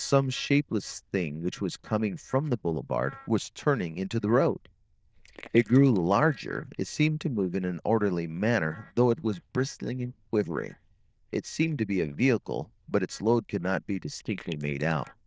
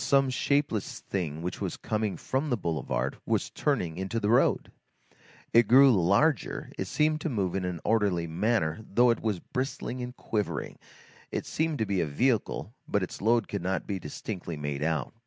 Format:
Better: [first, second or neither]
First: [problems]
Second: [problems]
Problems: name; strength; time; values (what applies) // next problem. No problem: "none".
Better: second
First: noise reduction (neural diffusion model UNIVERSE++)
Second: none